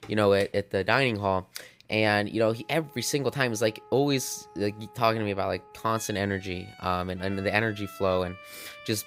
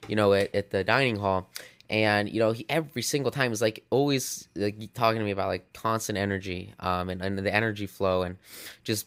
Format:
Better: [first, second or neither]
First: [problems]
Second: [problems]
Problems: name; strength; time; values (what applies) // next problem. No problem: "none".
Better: second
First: background music; faint; from 2.5 s on; 20 dB below the speech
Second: none